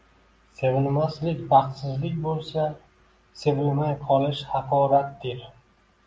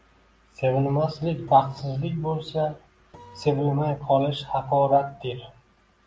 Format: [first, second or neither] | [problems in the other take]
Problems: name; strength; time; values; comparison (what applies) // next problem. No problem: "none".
first | background sound (Printer); 20 dB below the speech